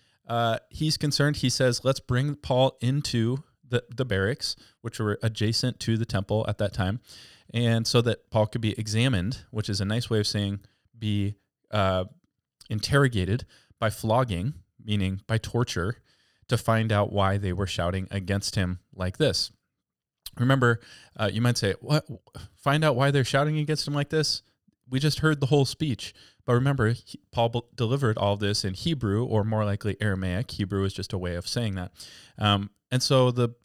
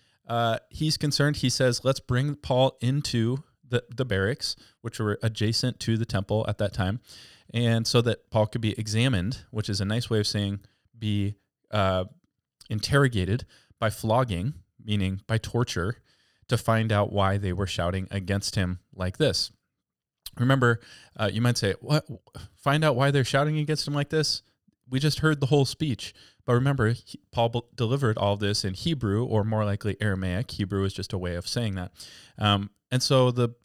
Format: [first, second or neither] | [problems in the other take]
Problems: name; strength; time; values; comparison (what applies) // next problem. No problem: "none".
neither | none